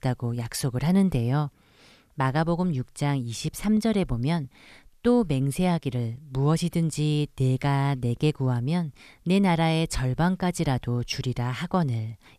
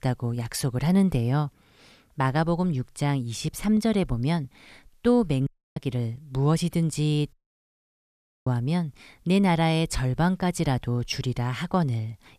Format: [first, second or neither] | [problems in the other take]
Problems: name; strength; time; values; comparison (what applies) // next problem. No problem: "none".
first | audio cutting out; at 5.5 s and at 7.5 s for 1 s